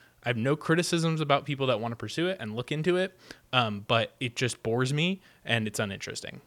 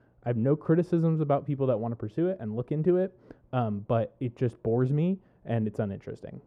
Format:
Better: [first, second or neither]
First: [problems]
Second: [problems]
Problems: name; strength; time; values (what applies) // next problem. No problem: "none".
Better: first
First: none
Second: muffled; very; fading above 1.5 kHz